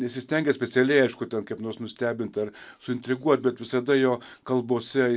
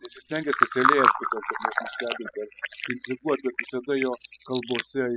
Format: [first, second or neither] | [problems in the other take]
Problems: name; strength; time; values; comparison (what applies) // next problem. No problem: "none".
first | noise reduction (classical method spectral subtraction)